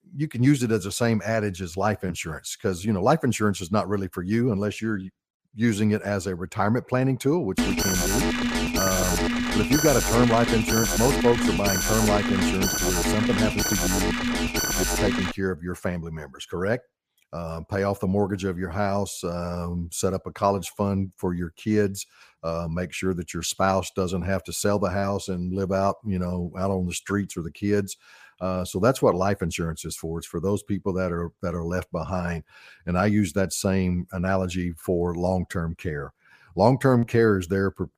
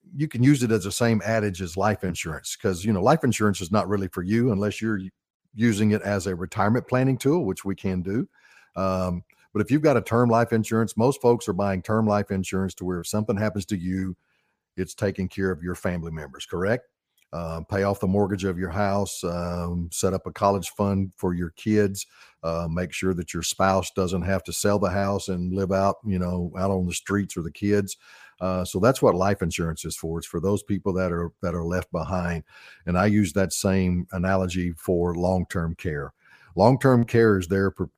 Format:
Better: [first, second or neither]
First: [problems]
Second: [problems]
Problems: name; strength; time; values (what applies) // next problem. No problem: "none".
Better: second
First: alarm; loud; from 7.5 to 15 s; peak 2 dB above the speech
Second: none